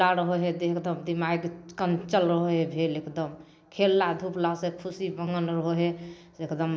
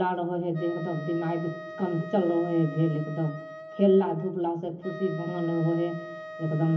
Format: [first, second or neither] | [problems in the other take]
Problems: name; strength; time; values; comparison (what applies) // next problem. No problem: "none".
first | background sound (Wind instrument, woodwind instrument); 14 dB below the speech // room echo; dies away in 0.3 s